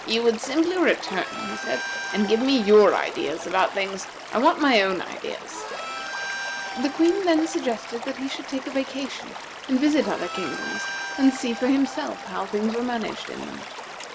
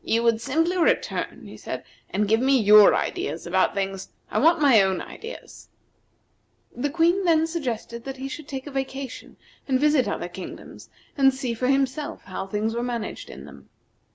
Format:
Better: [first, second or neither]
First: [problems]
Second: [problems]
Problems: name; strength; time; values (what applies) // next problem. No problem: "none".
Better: second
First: background sound (Harmonica + Stream / Liquid); 10 dB below the speech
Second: none